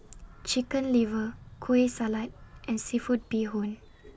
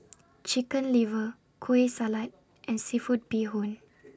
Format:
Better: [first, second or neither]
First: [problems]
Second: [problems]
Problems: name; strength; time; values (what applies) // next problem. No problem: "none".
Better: second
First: background sound (Bird vocalization, bird call, bird song); 20 dB below the speech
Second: none